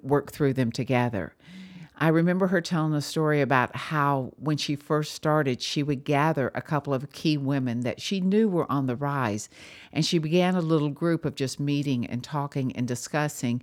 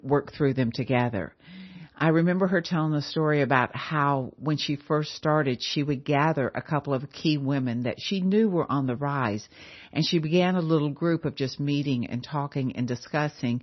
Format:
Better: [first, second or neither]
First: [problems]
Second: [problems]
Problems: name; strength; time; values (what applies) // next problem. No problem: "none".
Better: first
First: none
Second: garbled, watery; slightly; nothing above 6 kHz